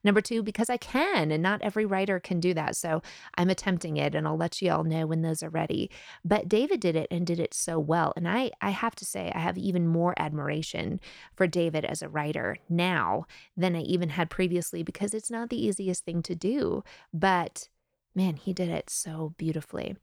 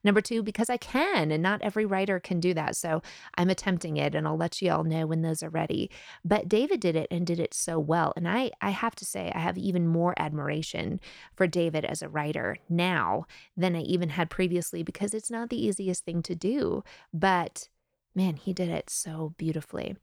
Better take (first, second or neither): neither